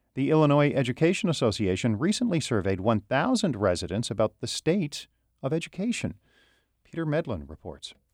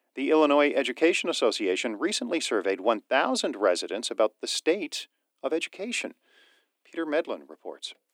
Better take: first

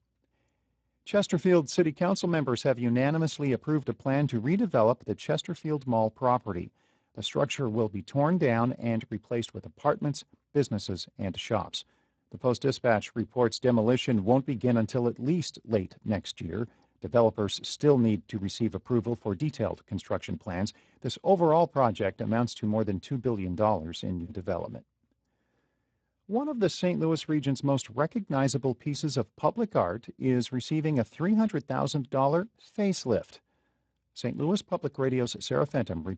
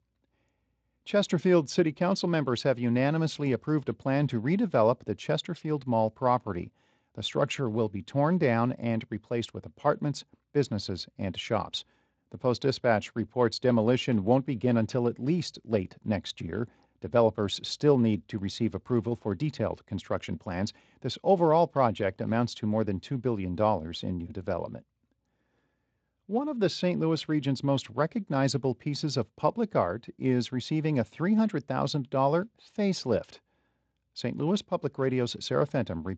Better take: second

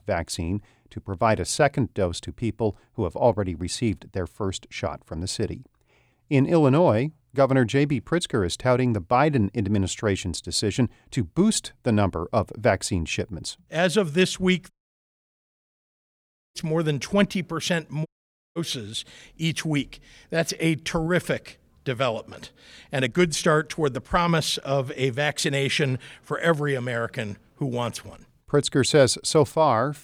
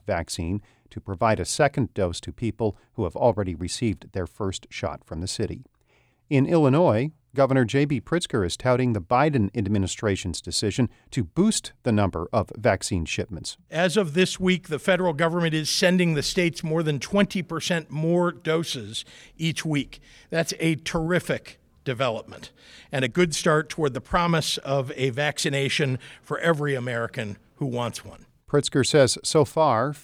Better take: second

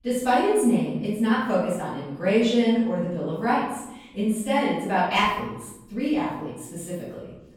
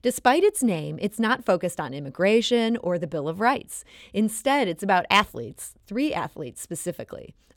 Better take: second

